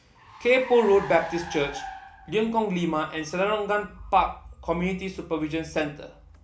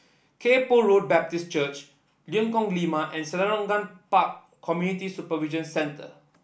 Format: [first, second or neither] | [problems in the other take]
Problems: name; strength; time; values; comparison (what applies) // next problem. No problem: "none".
second | background sound (Car); 16 dB below the speech